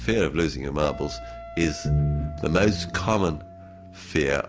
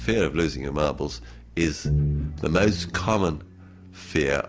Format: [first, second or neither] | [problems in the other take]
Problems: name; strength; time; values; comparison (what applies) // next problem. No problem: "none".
second | background sound (Wind instrument, woodwind instrument); 17 dB below the speech